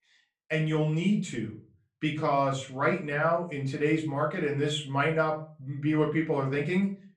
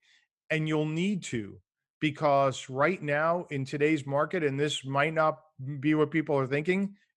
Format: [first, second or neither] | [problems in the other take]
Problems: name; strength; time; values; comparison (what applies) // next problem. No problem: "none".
second | off-mic speech; far // room echo; very slight; dies away in 0.3 s